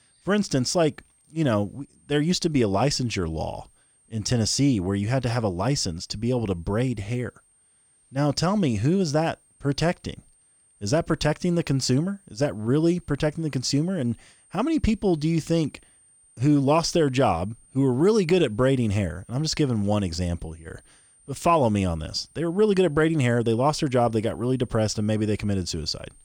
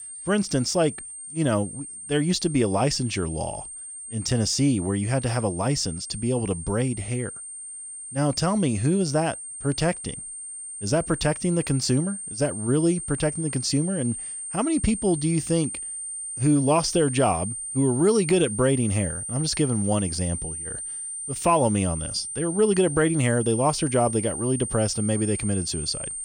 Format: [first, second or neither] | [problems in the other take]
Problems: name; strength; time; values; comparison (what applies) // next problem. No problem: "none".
first | high-pitched whine; loud; throughout; 8.5 kHz, 7 dB below the speech; faint in the first